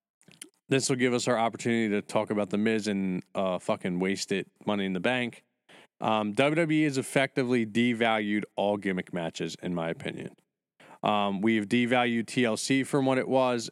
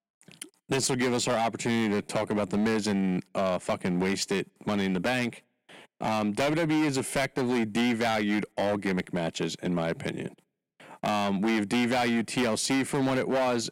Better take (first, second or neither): first